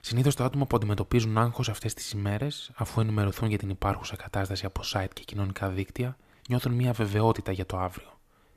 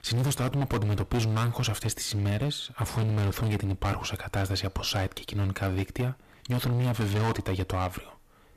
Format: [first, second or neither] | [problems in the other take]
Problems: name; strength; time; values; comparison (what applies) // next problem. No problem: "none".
first | distortion; heavy; 19% of the sound clipped